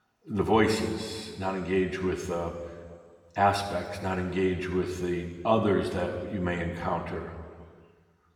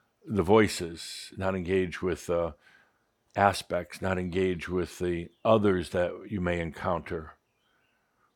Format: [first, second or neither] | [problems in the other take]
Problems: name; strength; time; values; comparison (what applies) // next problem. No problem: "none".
second | room echo; noticeable; dies away in 1.5 s // off-mic speech; somewhat distant